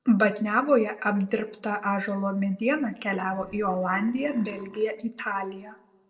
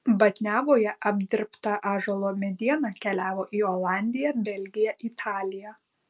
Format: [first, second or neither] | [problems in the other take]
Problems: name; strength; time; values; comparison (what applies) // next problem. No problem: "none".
second | noise reduction (neural separator model SepFormer DNS4)